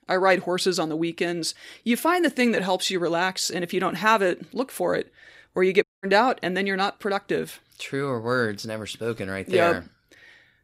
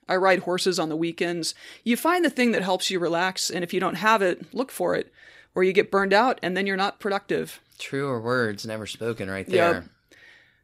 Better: second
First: audio cutting out; at 6 s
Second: none

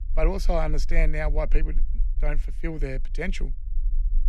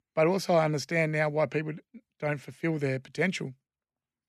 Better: second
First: low rumble; faint; throughout; 25 dB below the speech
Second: none

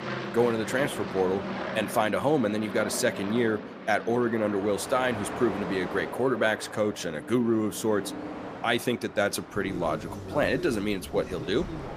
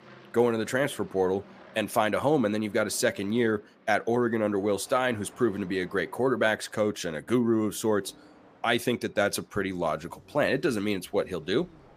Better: second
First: train or aircraft noise; loud; throughout; 9 dB below the speech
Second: train or aircraft noise; faint; throughout; 25 dB below the speech

